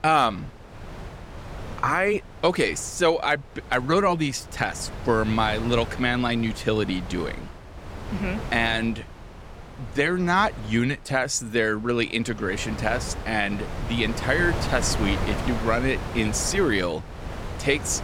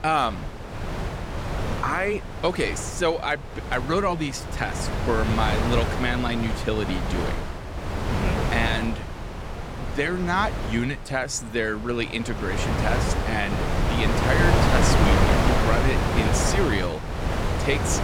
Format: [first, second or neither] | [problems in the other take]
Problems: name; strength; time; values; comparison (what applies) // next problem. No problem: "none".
first | wind noise on the microphone; heavy; 2 dB below the speech; occasional gusts in the first